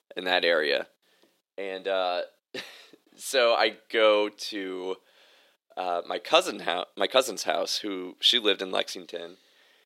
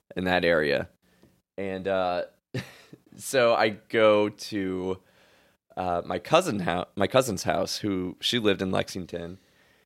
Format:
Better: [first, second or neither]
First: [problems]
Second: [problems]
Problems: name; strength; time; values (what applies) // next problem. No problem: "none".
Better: second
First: thin; somewhat; fading below 350 Hz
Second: none